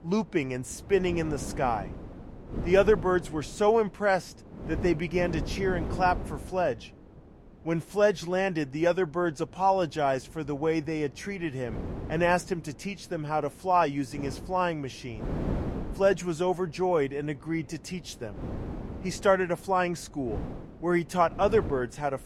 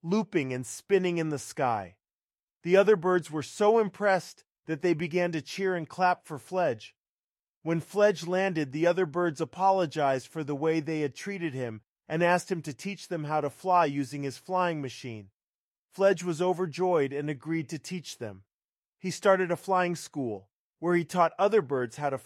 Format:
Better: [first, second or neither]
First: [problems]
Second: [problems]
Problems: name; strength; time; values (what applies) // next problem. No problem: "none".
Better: second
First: wind noise on the microphone; occasional gusts; 15 dB below the speech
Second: none